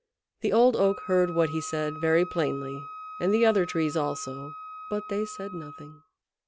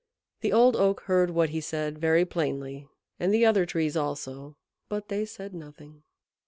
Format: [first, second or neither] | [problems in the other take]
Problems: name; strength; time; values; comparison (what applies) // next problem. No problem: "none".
second | background sound (Wind instrument, woodwind instrument); 14 dB below the speech